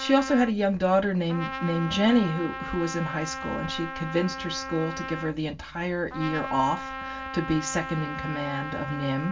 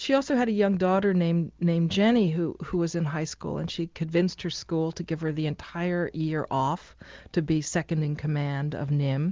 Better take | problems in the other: second | background sound (Trumpet); 9 dB below the speech // room echo; dies away in 0.2 s

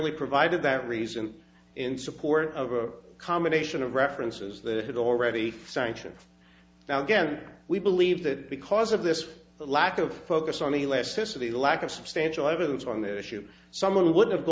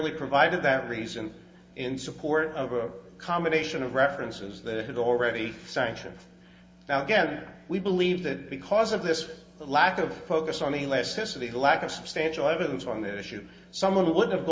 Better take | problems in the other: first | room echo; dies away in 2.8 s

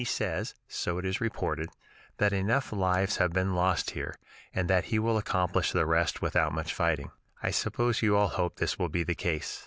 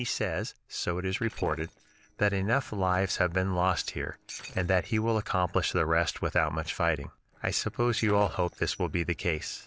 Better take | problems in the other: first | noise reduction (neural separator model SepFormer DNS4)

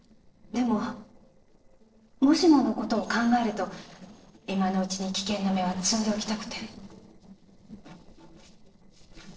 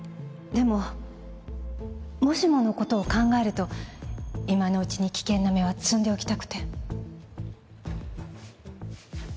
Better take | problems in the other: second | noise reduction (neural separator model SepFormer DNS4)

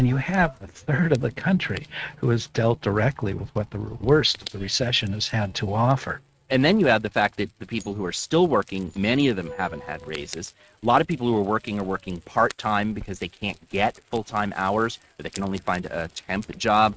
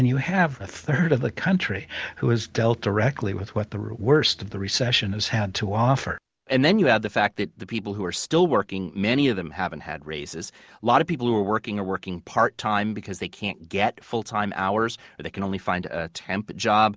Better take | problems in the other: second | noise reduction (neural mask model RNNoise)

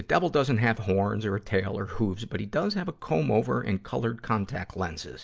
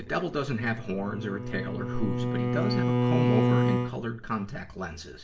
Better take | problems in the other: first | background sound (Bowed string instrument); 3 dB above the speech // room echo; dies away in 0.5 s

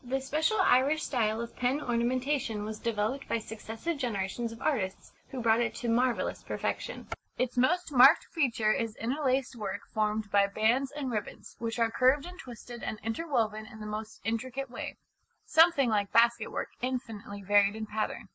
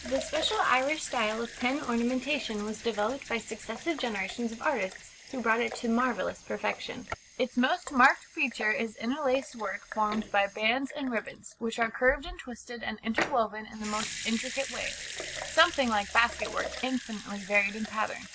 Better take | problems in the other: first | background sound (Sink (filling or washing) / Water tap, faucet / Liquid); 12 dB below the speech

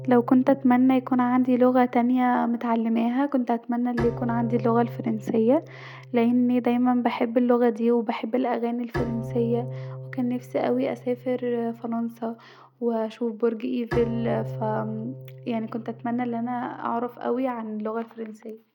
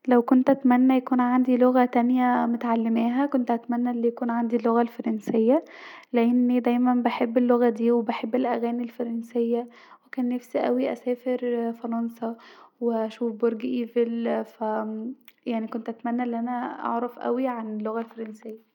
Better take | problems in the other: second | background sound (Bowed string instrument); 14 dB below the speech

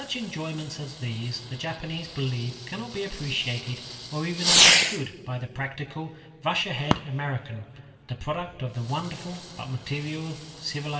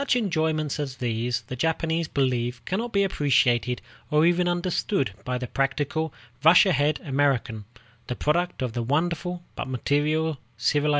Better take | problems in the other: second | background sound (Fireworks); 2 dB above the speech // room echo; dies away in 2.2 s

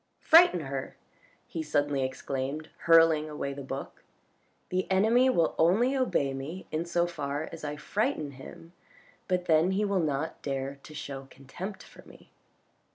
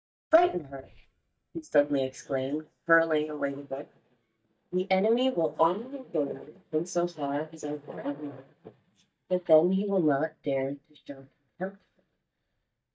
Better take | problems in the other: first | noise reduction (neural mask model DeepFilterNet 3)

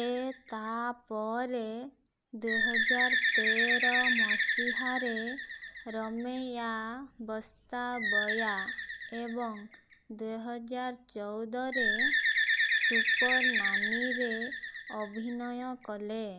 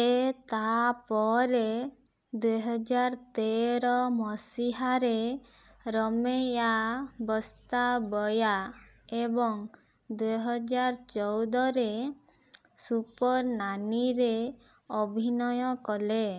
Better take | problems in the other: second | background sound (Bird); 4 dB above the speech

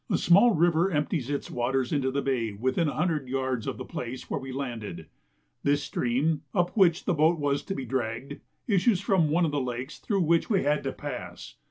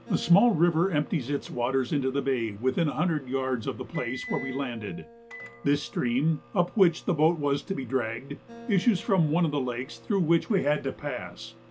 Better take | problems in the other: first | background sound (Acoustic guitar + Microwave oven); 19 dB below the speech

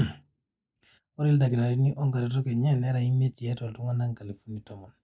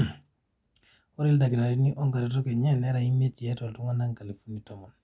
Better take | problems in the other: second | noise reduction (neural mask model Resemble Enhance denoiser)

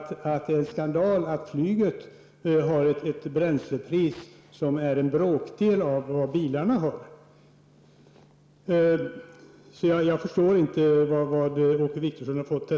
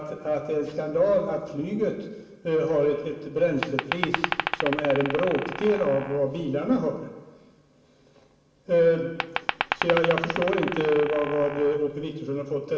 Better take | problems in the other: first | background sound (Glass); 5 dB below the speech // room echo; dies away in 1.2 s

